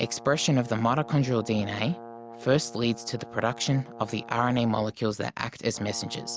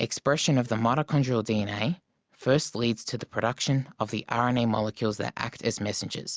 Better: second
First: background sound (Brass instrument); 17 dB below the speech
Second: none

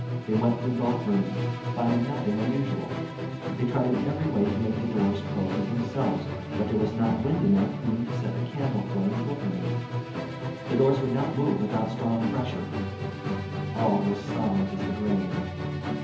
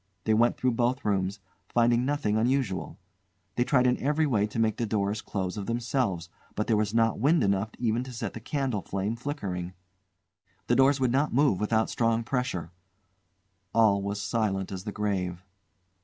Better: second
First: background sound (Musical instrument); 3 dB below the speech // room echo; dies away in 0.7 s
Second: none

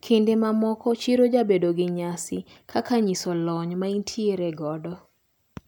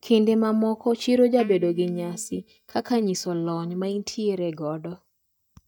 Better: first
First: none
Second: noise reduction (neural mask model DeepFilterNet 3)

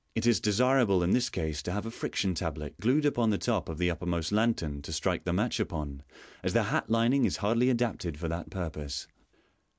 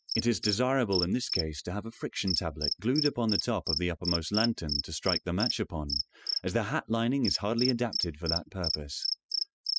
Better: first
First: none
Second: noise reduction (classical method spectral subtraction)

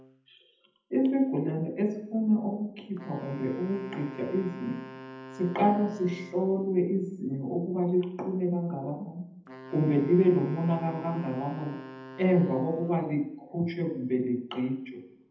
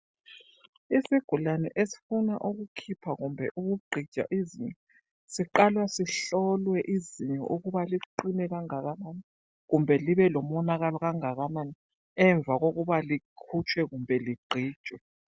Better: second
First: background sound (Wind instrument, woodwind instrument); 18 dB below the speech // room echo; dies away in 0.8 s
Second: none

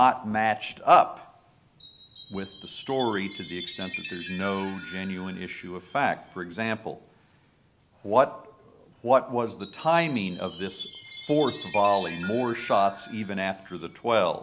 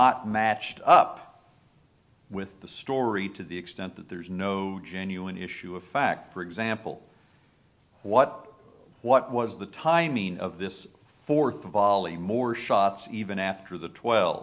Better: second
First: background sound (Chime); 17 dB below the speech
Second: none

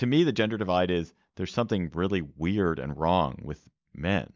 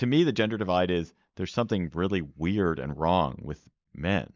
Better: first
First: none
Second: noise reduction (neural mask model Resemble Enhance denoiser)

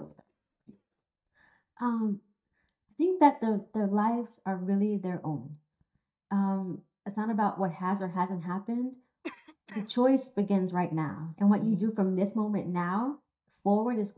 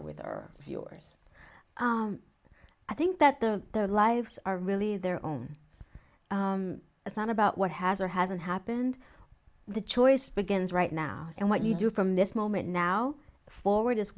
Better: second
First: noise reduction (neural mask model DeepFilterNet 3)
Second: none

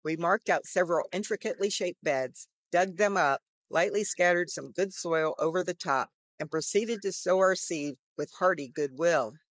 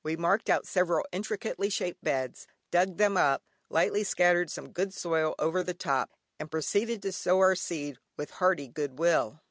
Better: second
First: noise reduction (neural mask model Resemble Enhance denoiser)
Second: none

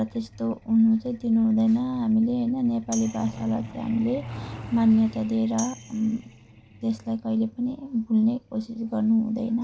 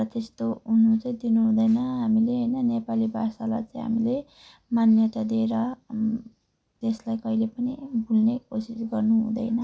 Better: second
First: background sound (Tambourine + Truck); 17 dB below the speech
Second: none

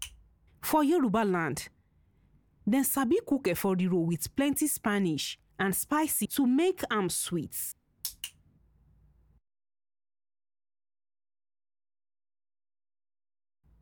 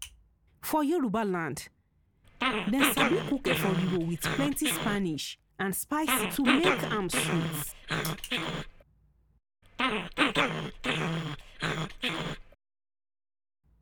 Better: first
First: none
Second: background sound (Growling); 2 dB above the speech

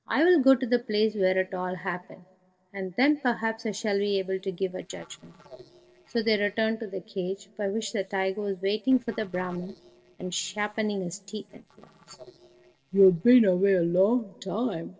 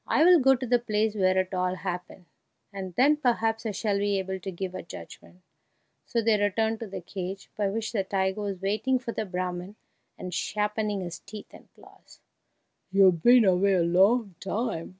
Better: second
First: noise reduction (neural separator model SepFormer DNS4)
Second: none

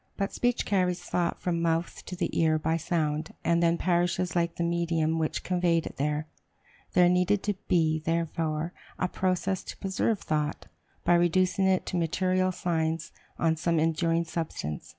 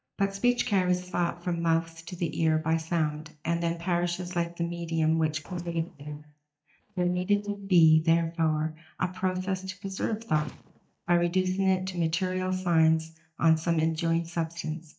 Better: first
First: none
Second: noise reduction (neural mask model DeepFilterNet 3)

